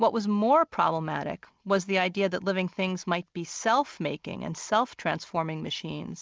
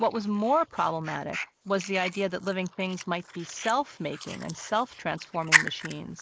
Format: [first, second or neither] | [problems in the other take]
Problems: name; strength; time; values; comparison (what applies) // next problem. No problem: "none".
first | noise reduction (neural mask model Resemble Enhance denoiser)